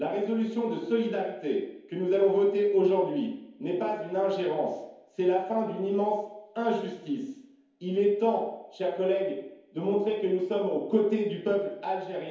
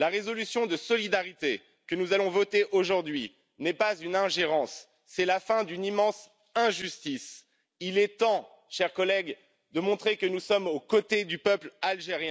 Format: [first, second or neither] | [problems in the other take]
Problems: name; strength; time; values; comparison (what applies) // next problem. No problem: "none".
second | room echo; dies away in 0.9 s